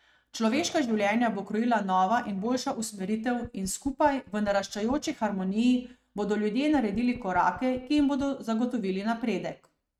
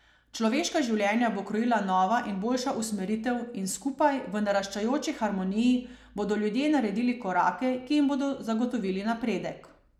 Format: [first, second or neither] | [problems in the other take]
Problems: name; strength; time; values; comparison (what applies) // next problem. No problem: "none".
second | noise reduction (neural mask model RNNoise)